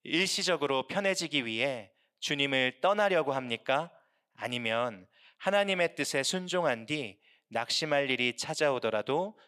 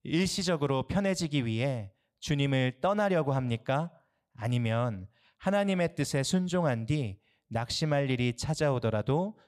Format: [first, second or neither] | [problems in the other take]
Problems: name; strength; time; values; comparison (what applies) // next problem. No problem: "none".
second | thin; somewhat; fading below 350 Hz